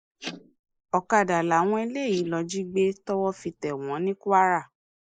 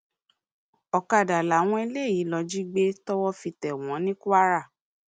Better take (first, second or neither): second